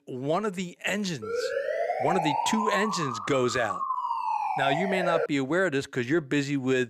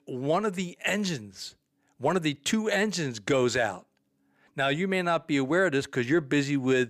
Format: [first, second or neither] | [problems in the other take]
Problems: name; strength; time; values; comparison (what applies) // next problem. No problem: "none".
second | siren; loud; from 1 to 5.5 s; peak level with the speech